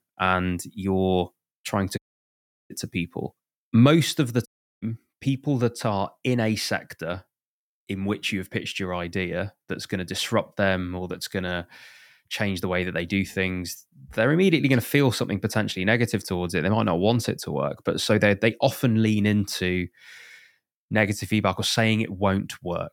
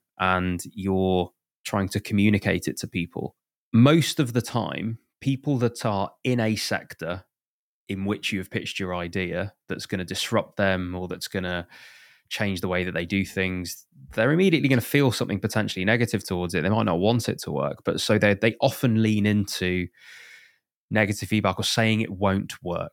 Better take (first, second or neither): second